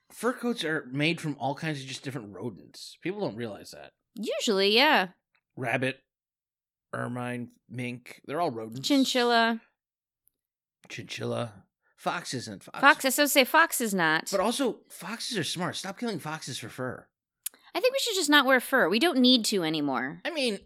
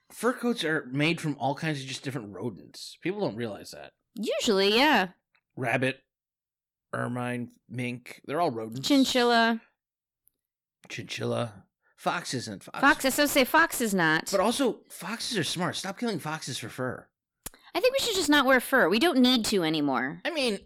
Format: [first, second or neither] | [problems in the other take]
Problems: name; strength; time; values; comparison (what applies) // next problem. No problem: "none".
first | distortion; slight; 10 dB below the speech